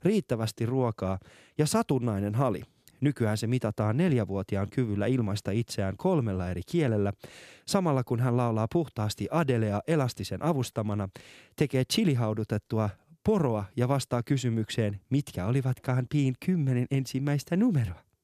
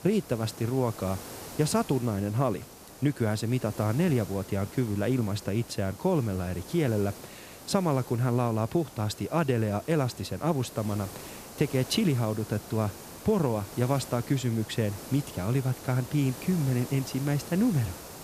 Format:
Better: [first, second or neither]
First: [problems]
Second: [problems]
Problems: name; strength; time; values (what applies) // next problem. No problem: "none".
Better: first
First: none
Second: hiss; noticeable; throughout; 15 dB below the speech